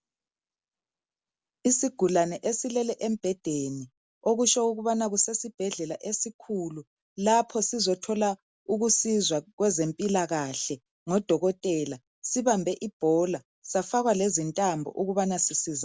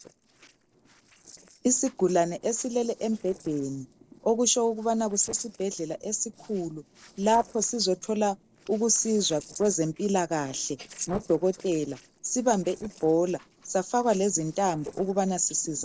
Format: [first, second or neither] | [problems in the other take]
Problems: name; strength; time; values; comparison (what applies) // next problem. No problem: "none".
first | noise reduction (neural separator model SepFormer DNS4)